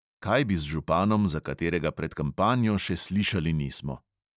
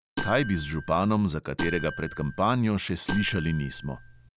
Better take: first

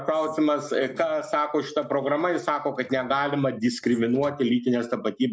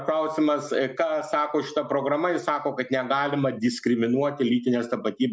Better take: second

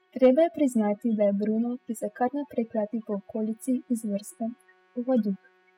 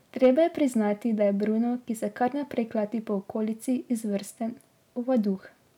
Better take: second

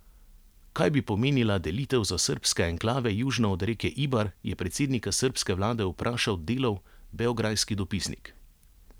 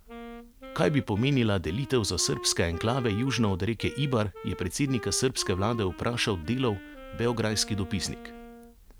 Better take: first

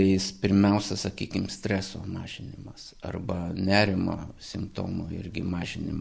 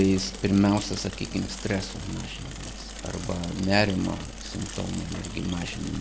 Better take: first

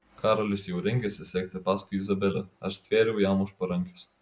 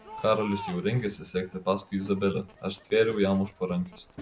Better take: first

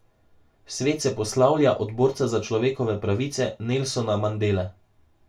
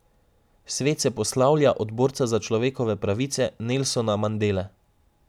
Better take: second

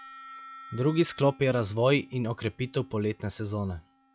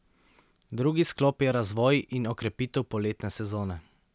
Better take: second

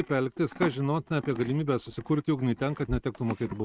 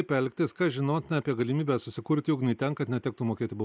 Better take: second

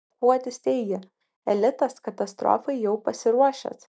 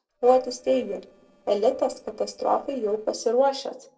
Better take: first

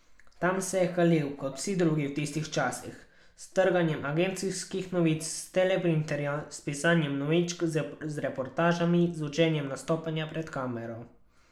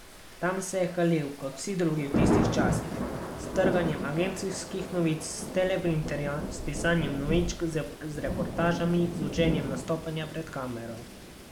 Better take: first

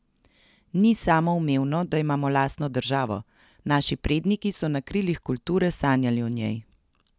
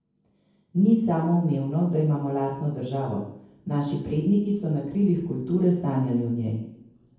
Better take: first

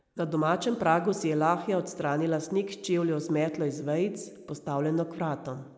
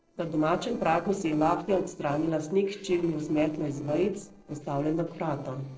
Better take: first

